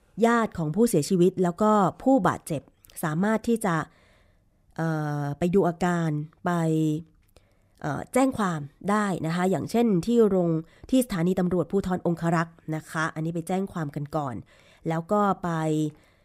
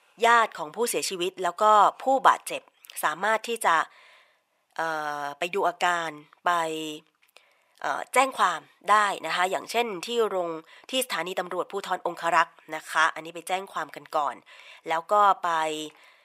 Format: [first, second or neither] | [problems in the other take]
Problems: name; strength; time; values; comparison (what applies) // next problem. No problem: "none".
first | thin; very; fading below 750 Hz